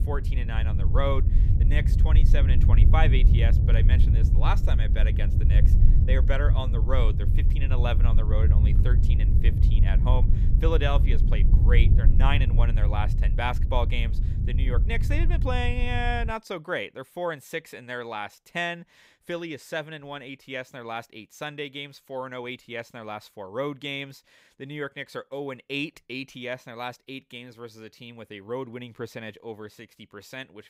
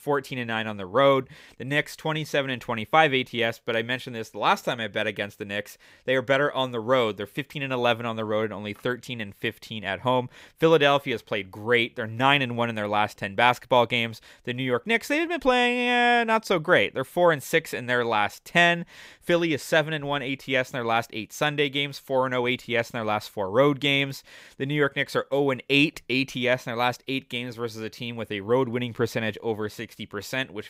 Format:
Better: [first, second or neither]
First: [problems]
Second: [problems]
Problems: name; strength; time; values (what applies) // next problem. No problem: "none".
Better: second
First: wind noise on the microphone; heavy; until 16 s; 7 dB below the speech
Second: none